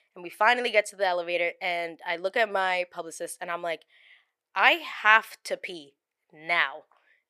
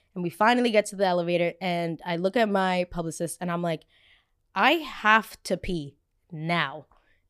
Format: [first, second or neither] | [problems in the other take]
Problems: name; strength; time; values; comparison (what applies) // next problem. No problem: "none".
second | thin; very; fading below 550 Hz